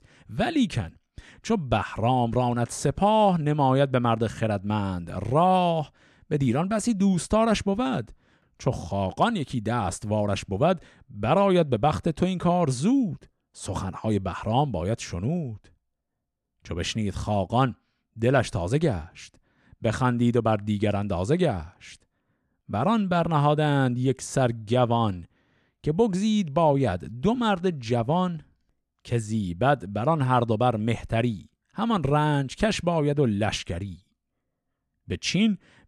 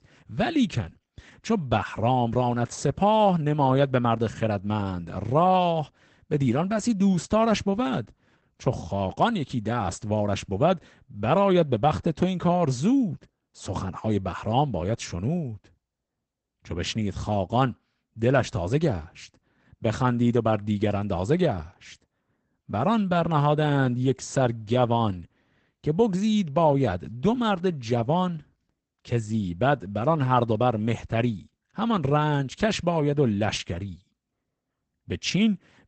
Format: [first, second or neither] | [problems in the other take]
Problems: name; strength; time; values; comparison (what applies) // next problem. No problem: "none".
first | garbled, watery; badly; nothing above 8 kHz